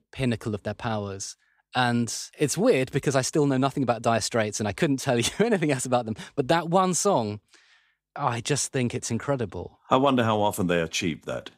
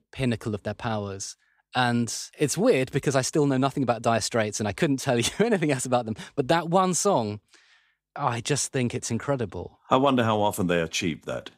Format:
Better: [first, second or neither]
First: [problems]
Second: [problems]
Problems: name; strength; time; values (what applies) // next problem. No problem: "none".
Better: neither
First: none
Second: none